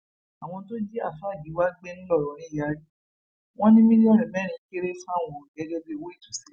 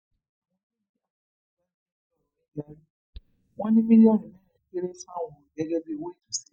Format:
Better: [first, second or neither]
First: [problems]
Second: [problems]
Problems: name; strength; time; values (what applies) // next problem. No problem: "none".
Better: first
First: none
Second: noise reduction (neural mask model DeepFilterNet 3)